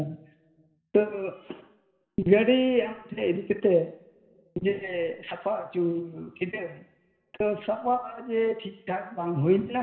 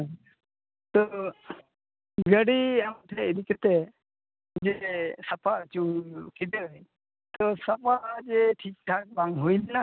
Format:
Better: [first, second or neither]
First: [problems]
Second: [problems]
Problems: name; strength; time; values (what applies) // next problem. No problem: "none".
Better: second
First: room echo; dies away in 2.1 s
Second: none